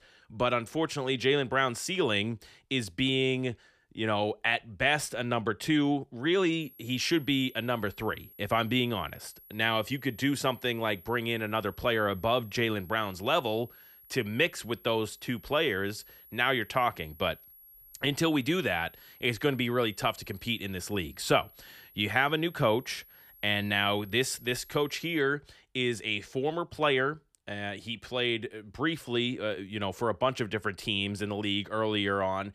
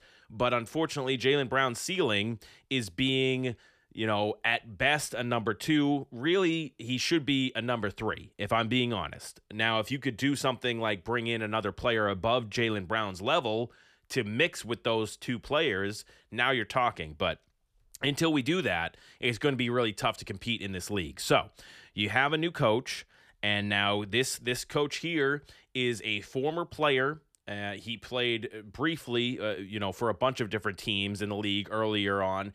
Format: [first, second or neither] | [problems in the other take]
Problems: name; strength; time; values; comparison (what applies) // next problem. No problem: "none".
second | high-pitched whine; faint; from 6.5 to 25 s; 11.5 kHz, 25 dB below the speech